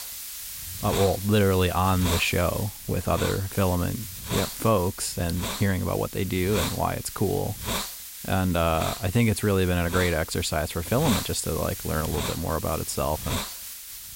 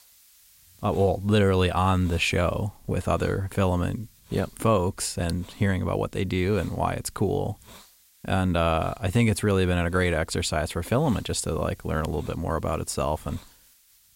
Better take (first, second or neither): second